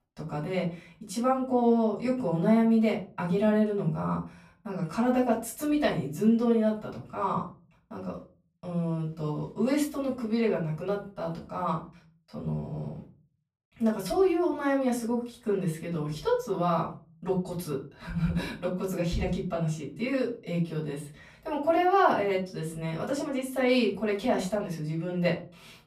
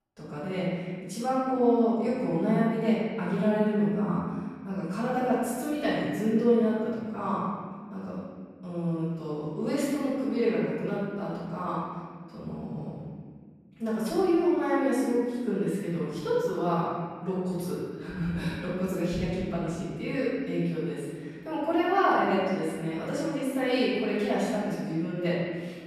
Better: first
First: room echo; slight; dies away in 0.3 s // off-mic speech; far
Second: room echo; strong; dies away in 1.8 s // off-mic speech; far

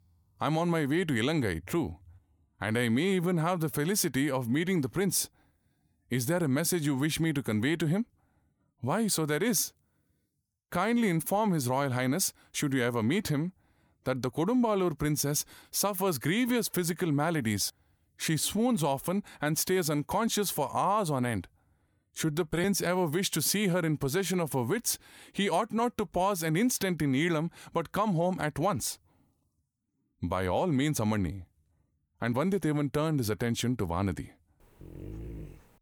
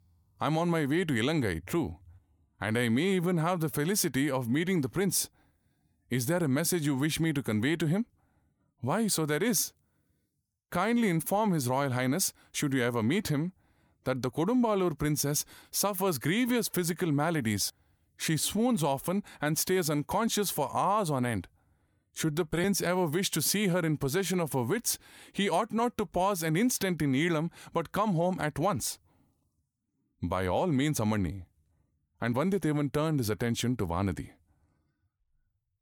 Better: second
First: dog barking; faint; at 35 s; peak 15 dB below the speech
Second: none

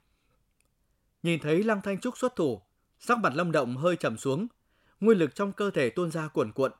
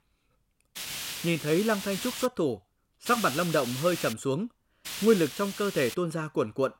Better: first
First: none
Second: hiss; loud; from 1 to 2.5 s, from 3 to 4 s and from 5 to 6 s; 8 dB below the speech

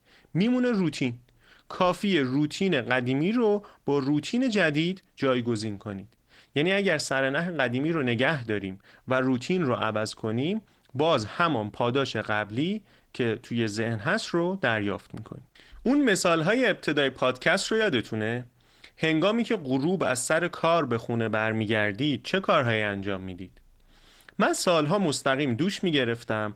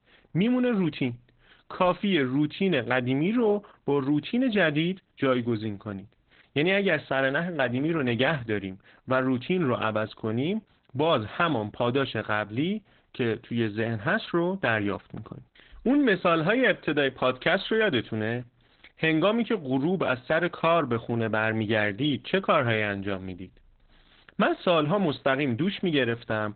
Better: first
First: garbled, watery; slightly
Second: garbled, watery; badly; nothing above 3.5 kHz

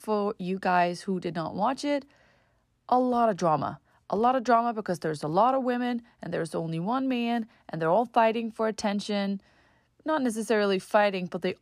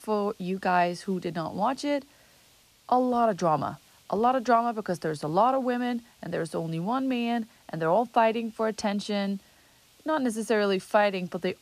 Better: first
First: none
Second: hiss; faint; throughout; 30 dB below the speech

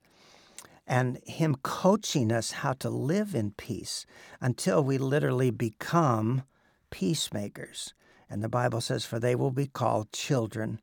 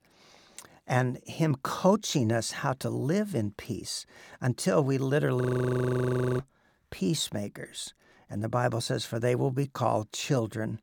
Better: first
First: none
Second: audio freezing; at 5.5 s for 1 s

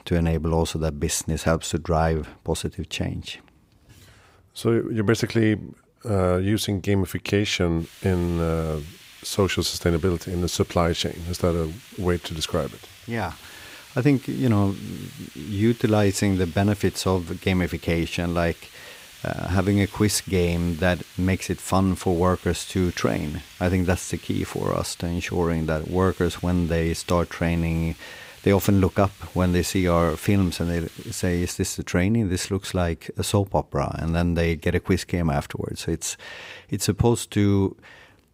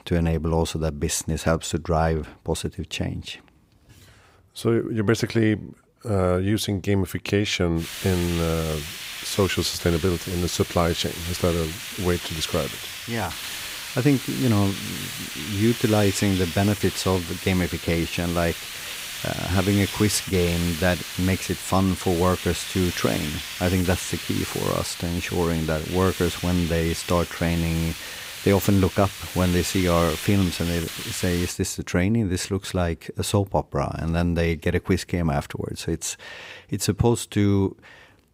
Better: first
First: hiss; faint; from 8 to 32 s; 20 dB below the speech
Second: hiss; loud; from 8 to 32 s; 8 dB below the speech

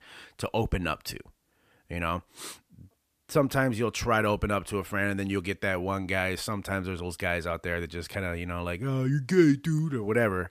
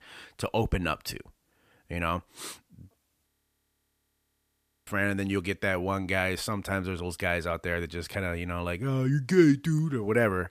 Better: first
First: none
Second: audio freezing; at 3.5 s for 1.5 s

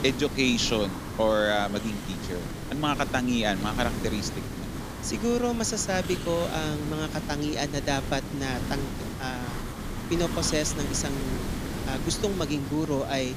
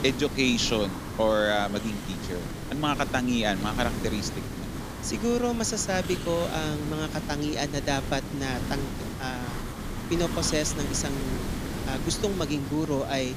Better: neither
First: hiss; loud; throughout; 6 dB below the speech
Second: hiss; loud; throughout; 6 dB below the speech

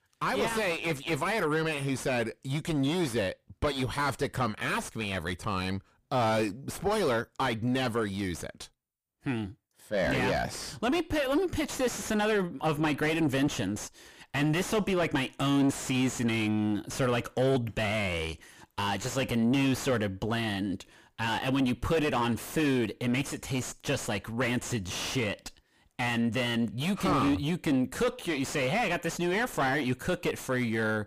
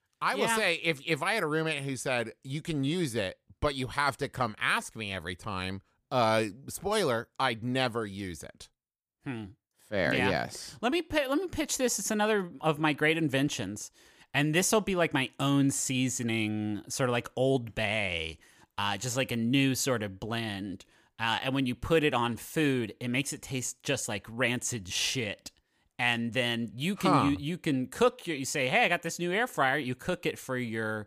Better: second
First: distortion; heavy; 5 dB below the speech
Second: none

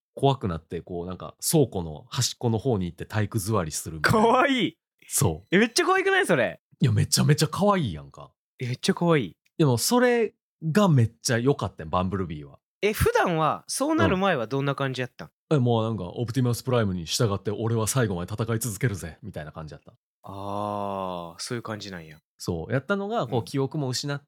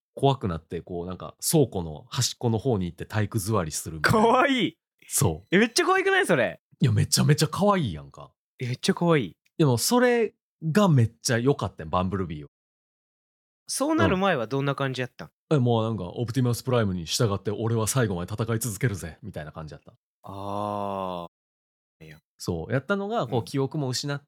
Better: first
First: none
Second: audio cutting out; at 12 s for 1 s and at 21 s for 0.5 s

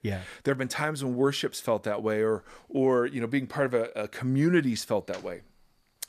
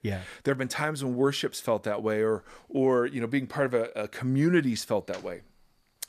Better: neither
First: none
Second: none

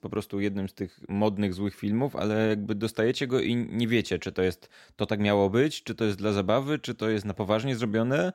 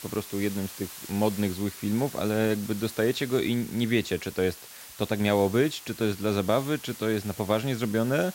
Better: first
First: none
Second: hiss; noticeable; throughout; 15 dB below the speech

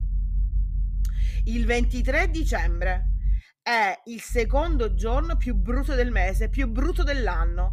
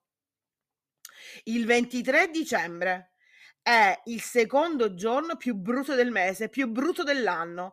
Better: second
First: low rumble; faint; until 3.5 s and from 4.5 s on; 25 dB below the speech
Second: none

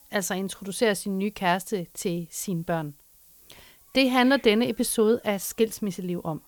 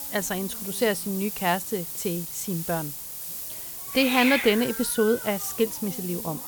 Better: first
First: hiss; faint; throughout; 25 dB below the speech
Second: hiss; loud; throughout; 5 dB below the speech

